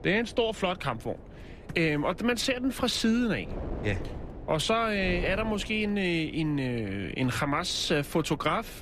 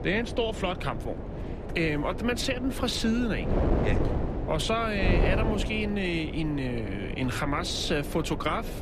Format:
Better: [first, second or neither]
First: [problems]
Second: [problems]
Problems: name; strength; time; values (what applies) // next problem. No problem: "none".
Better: first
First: wind noise on the microphone; occasional gusts; 20 dB below the speech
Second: wind noise on the microphone; heavy; 7 dB below the speech